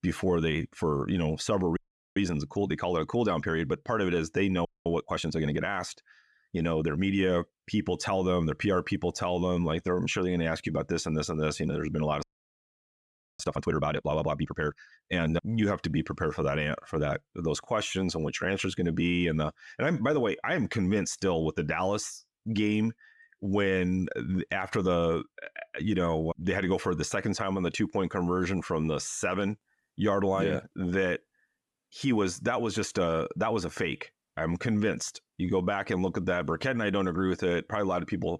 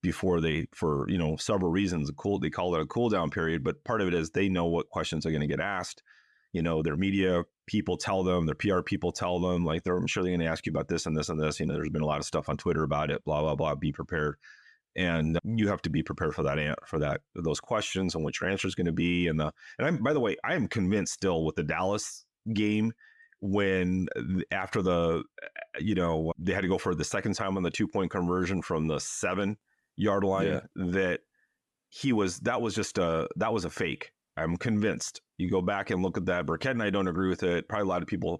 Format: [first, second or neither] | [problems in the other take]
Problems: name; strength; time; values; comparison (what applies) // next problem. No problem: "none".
second | audio freezing; at 2 s, at 4.5 s and at 12 s for 1 s